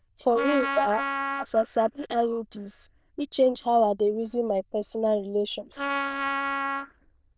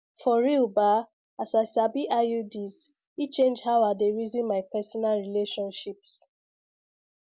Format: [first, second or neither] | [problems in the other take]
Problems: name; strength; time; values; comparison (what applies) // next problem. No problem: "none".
second | noise reduction (neural diffusion model UNIVERSE++)